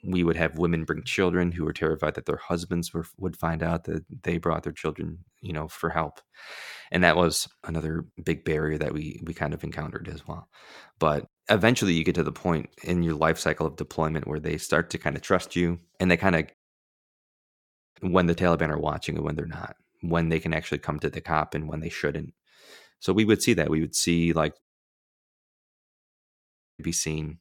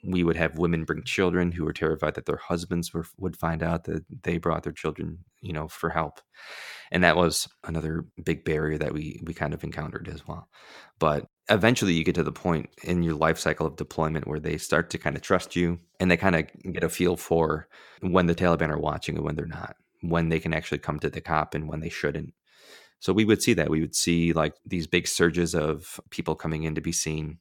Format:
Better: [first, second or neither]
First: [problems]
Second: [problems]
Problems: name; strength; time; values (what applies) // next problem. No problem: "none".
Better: second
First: audio cutting out; at 17 s for 1.5 s and at 25 s for 2 s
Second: none